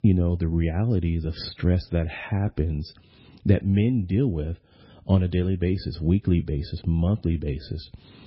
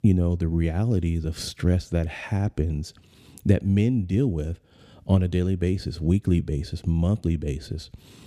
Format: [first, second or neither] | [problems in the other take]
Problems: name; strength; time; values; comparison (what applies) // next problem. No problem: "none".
second | garbled, watery; badly; nothing above 5 kHz